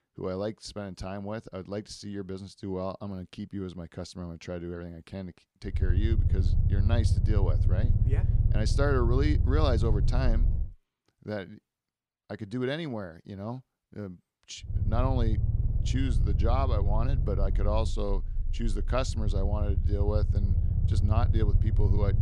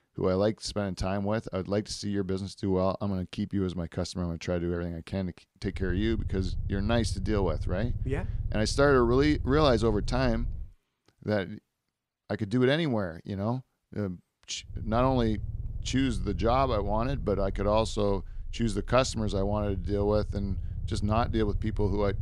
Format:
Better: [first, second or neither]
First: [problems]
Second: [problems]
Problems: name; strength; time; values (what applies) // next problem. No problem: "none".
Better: second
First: low rumble; loud; from 5.5 to 11 s and from 15 s on; 7 dB below the speech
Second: low rumble; faint; from 5.5 to 11 s and from 15 s on; 20 dB below the speech